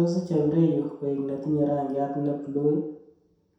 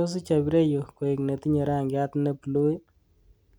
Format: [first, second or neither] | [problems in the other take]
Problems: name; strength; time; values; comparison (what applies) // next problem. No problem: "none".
second | room echo; dies away in 0.7 s